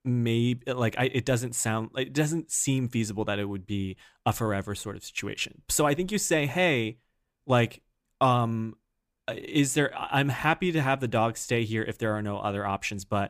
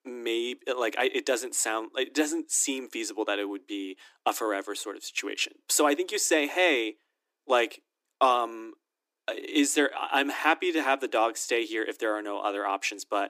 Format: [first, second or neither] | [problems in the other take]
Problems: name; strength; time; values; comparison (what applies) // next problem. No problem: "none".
first | thin; somewhat; fading below 300 Hz